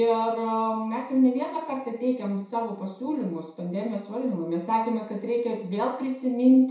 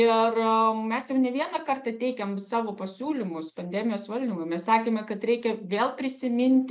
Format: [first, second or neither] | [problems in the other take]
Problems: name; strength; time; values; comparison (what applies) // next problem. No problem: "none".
second | room echo; dies away in 0.6 s